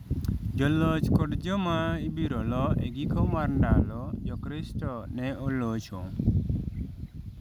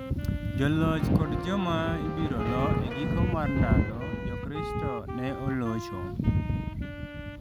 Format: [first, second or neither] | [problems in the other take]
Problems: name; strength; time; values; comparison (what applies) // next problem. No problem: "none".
first | background sound (Brass instrument + Wind instrument, woodwind instrument); 9 dB below the speech